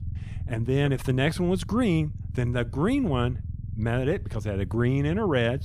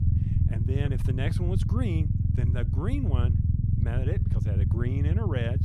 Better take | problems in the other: first | low rumble; loud; throughout; 1 dB below the speech; faint in the first

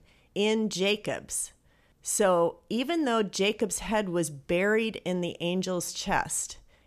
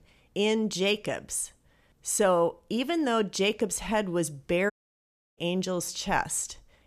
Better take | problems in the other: first | audio cutting out; at 4.5 s for 0.5 s

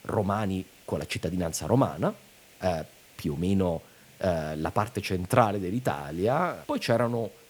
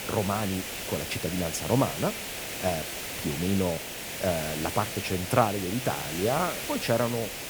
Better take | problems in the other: first | hiss; loud; throughout; 4 dB below the speech; faint in the first

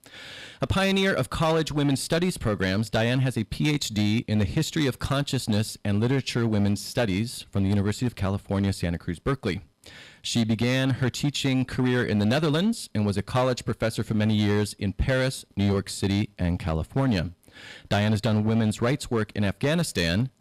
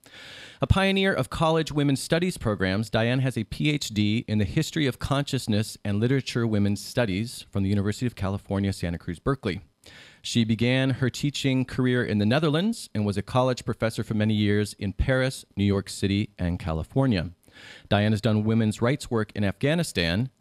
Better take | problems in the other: second | distortion; slight; 9% of the sound clipped

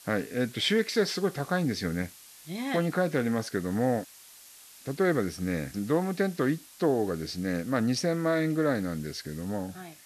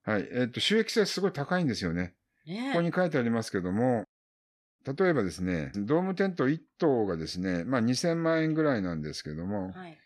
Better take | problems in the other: second | hiss; noticeable; throughout; 20 dB below the speech

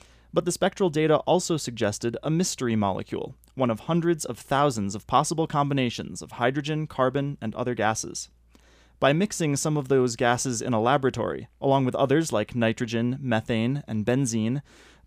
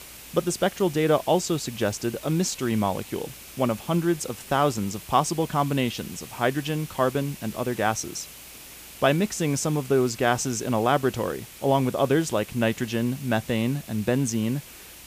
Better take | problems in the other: first | hiss; noticeable; throughout; 15 dB below the speech

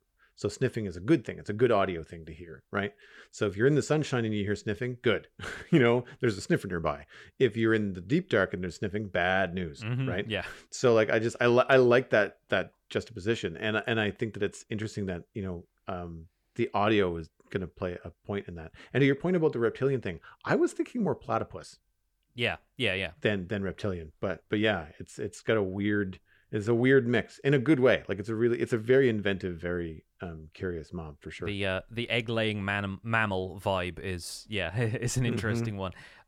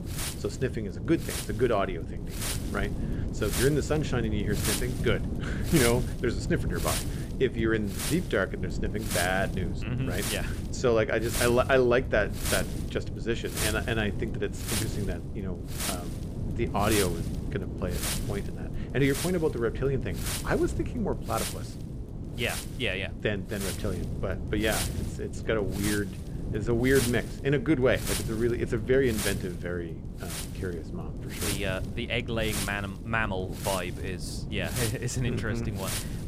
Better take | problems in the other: first | wind noise on the microphone; heavy; 7 dB below the speech

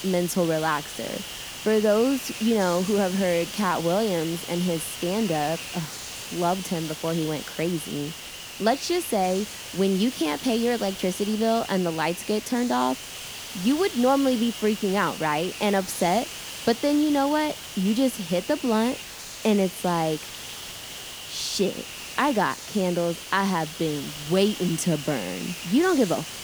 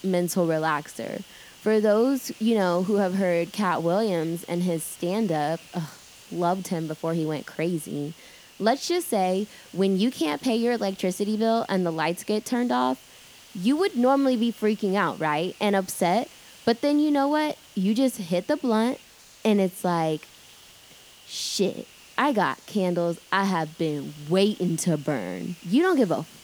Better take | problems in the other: second | hiss; loud; throughout; 10 dB below the speech; faint in the second

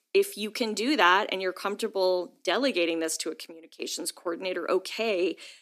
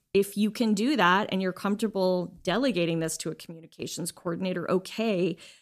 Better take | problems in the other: second | thin; somewhat; fading below 250 Hz

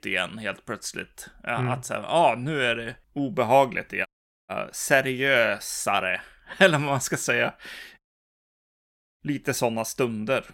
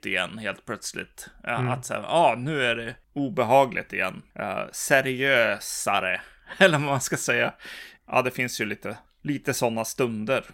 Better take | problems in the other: second | audio cutting out; at 4 s and at 8 s for 1 s

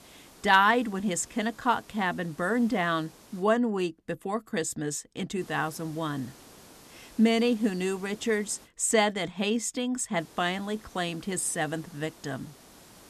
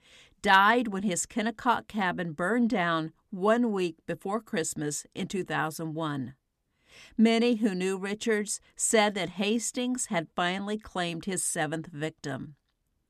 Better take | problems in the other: second | hiss; faint; until 3.5 s, from 5.5 to 8.5 s and from 10 s on; 25 dB below the speech

